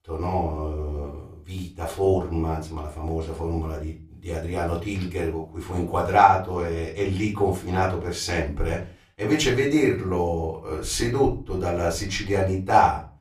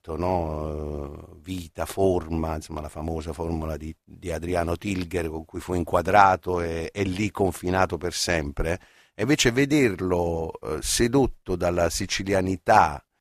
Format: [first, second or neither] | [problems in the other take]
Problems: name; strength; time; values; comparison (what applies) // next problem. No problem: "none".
second | off-mic speech; far // room echo; very slight; dies away in 0.3 s